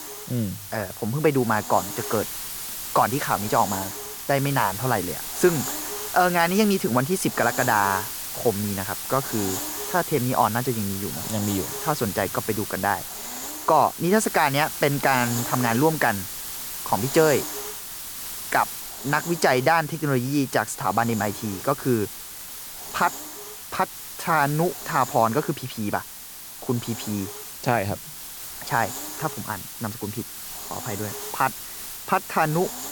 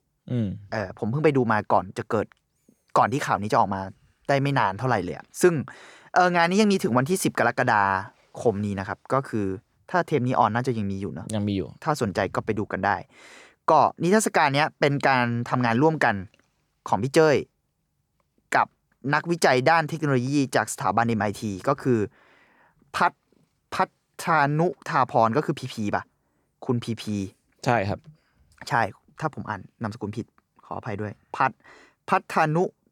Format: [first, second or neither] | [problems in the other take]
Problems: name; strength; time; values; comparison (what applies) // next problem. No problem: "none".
second | hiss; loud; throughout; 7 dB below the speech